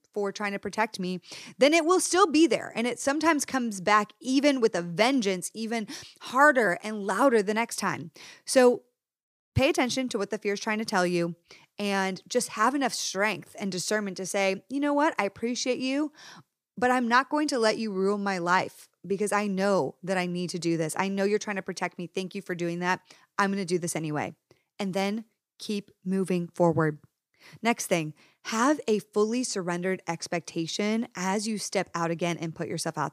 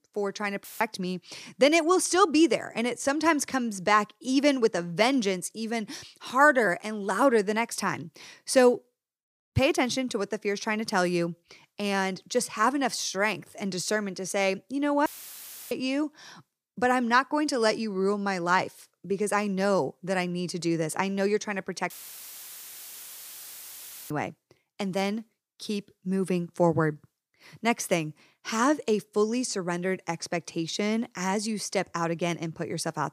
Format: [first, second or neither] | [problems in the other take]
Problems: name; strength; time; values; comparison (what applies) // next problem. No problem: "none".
first | audio cutting out; filled with static; at 0.5 s, at 15 s for 0.5 s and at 22 s for 2 s